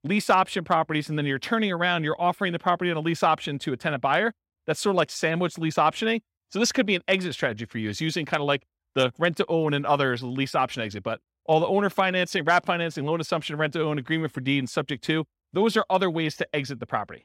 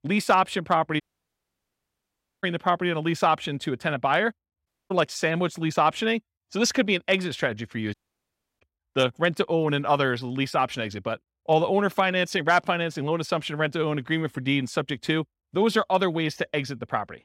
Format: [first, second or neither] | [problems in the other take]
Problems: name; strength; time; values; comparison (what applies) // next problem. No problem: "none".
first | audio cutting out; at 1 s for 1.5 s, at 4.5 s and at 8 s for 0.5 s